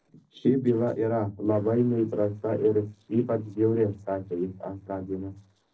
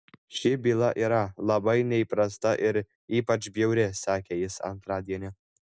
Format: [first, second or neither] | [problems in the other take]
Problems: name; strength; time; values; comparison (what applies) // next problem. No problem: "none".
second | noise reduction (neural separator model SepFormer DNS4)